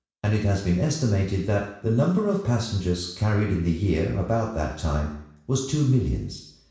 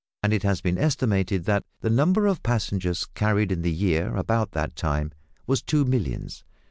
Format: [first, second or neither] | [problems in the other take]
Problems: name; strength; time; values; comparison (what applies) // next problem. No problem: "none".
second | room echo; dies away in 0.7 s